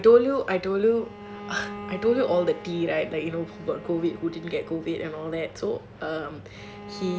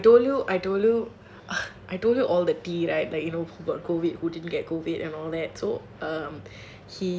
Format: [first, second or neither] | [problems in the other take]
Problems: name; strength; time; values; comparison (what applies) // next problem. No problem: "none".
second | background sound (Bowed string instrument); 16 dB below the speech